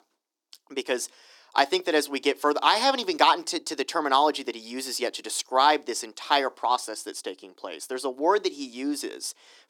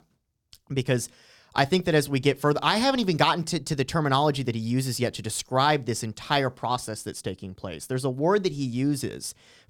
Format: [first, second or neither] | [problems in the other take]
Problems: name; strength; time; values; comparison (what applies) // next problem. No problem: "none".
second | thin; somewhat; fading below 300 Hz